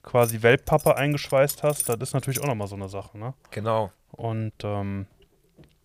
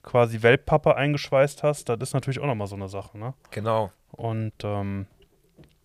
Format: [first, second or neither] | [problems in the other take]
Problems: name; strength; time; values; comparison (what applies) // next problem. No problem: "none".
second | jangling keys; noticeable; until 2.5 s; peak 4 dB below the speech